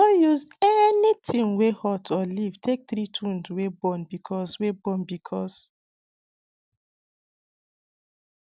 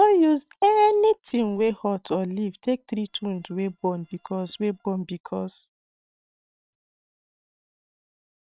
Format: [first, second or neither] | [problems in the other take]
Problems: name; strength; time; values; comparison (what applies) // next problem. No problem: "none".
first | noise reduction (neural separator model SepFormer WHAM!)